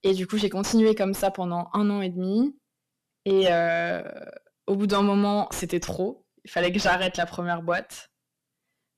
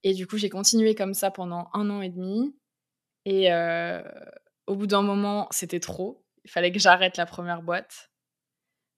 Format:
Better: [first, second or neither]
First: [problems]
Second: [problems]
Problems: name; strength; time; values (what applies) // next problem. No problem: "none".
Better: second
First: distortion; heavy; 6 dB below the speech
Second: none